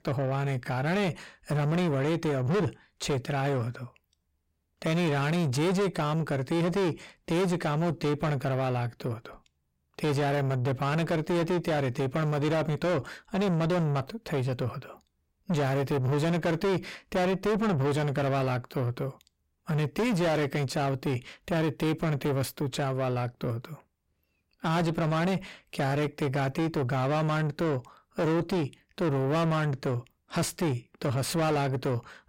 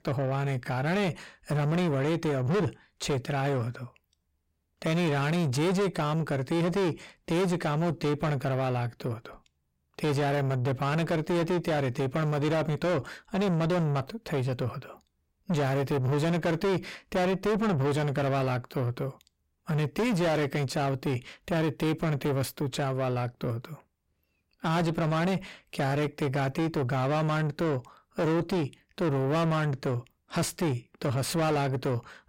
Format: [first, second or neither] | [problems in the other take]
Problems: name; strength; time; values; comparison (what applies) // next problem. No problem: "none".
neither | distortion; heavy; 5 dB below the speech; the same in both